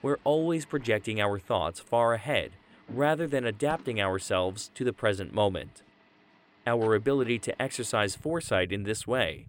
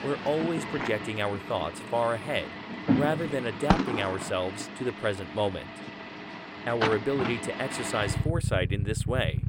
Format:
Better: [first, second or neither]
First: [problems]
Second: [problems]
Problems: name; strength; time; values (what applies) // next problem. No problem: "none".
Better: first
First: traffic noise; faint; throughout; 25 dB below the speech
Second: traffic noise; loud; throughout; 2 dB below the speech